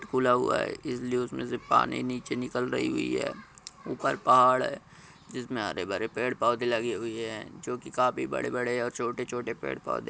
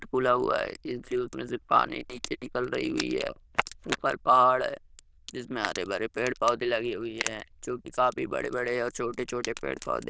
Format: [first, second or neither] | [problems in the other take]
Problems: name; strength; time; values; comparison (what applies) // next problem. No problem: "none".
first | noise reduction (neural diffusion model UNIVERSE++)